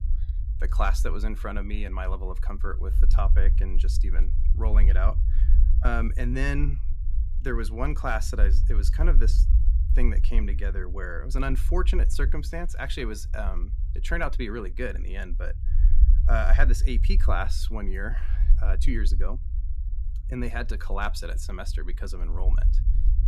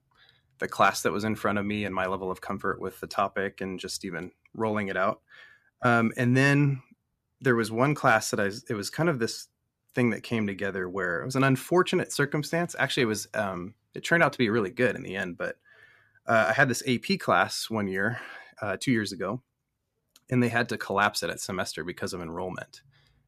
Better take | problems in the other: second | low rumble; noticeable; throughout; 15 dB below the speech

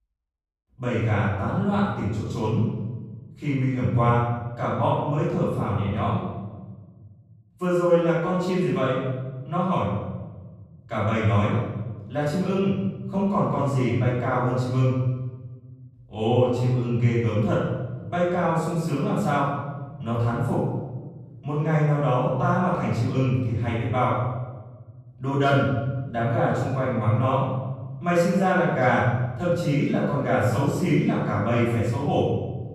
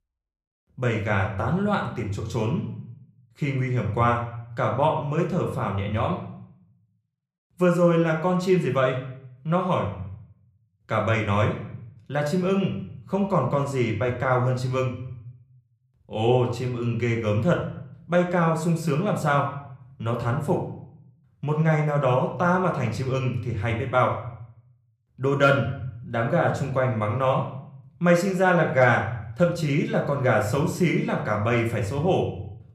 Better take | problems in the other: second | room echo; strong; dies away in 1.3 s; slight in the second // off-mic speech; far; somewhat distant in the second

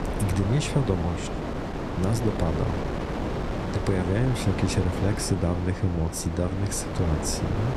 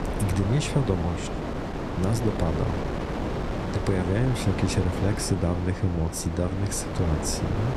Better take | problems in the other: neither | wind noise on the microphone; heavy; 1 dB below the speech; the same in both

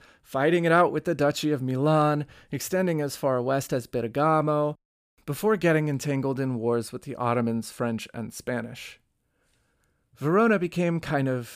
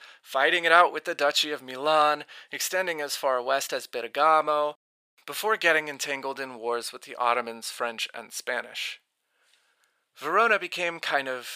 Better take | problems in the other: first | thin; very; fading below 750 Hz

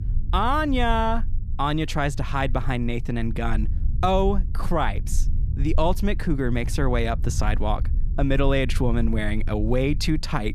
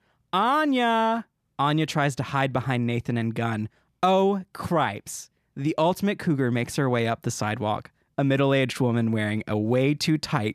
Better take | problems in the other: second | low rumble; faint; throughout; 20 dB below the speech

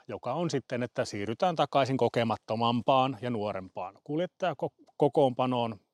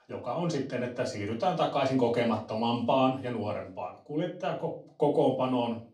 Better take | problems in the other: first | off-mic speech; far // room echo; very slight; dies away in 0.3 s

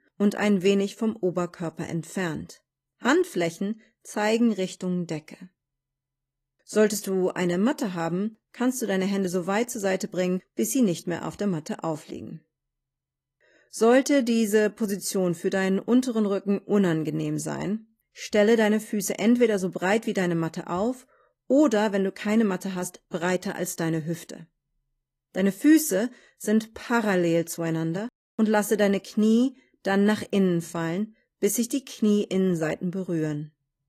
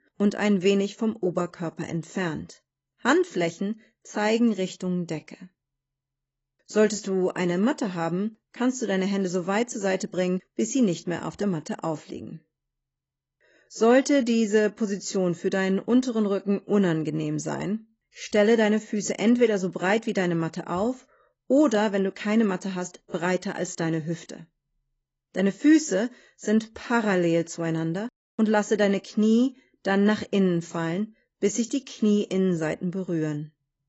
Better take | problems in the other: first | garbled, watery; badly; nothing above 7.5 kHz; slightly in the first

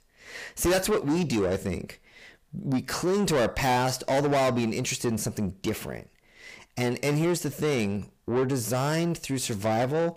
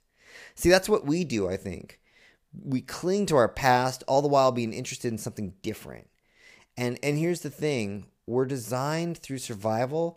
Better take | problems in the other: second | distortion; heavy; 6 dB below the speech

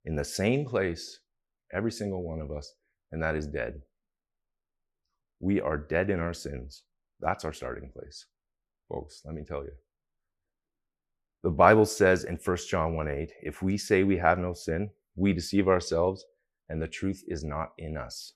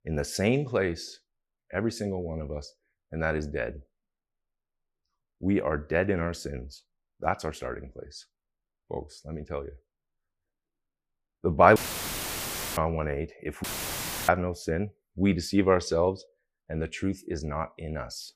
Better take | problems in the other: first | audio cutting out; filled with static; at 12 s for 1 s and at 14 s for 0.5 s

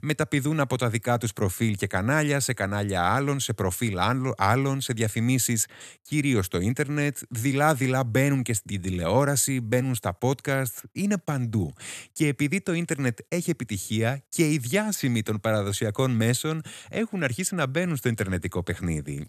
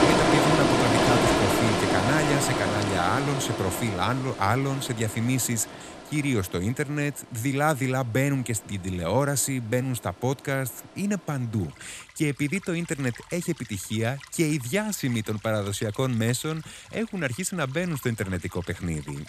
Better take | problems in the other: first | rain or running water; very loud; throughout; 2 dB above the speech

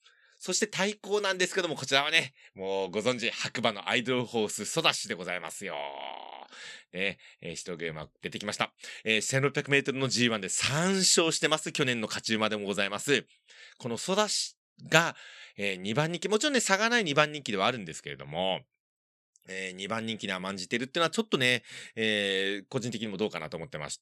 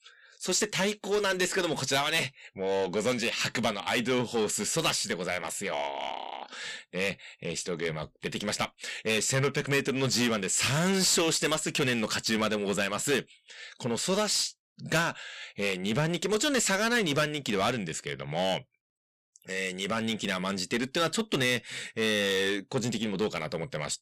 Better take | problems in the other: first | distortion; heavy; 6 dB below the speech

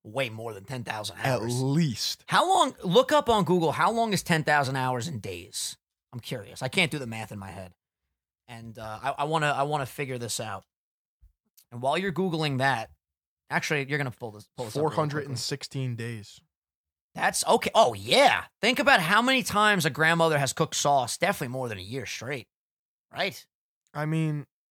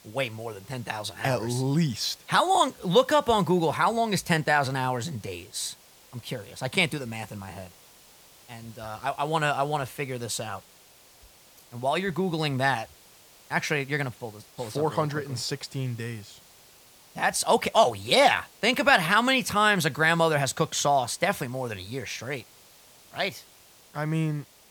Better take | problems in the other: first | hiss; faint; throughout; 25 dB below the speech

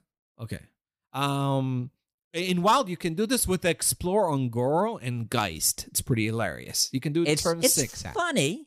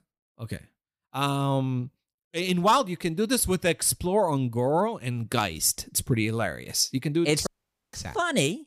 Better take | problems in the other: first | audio cutting out; at 7.5 s

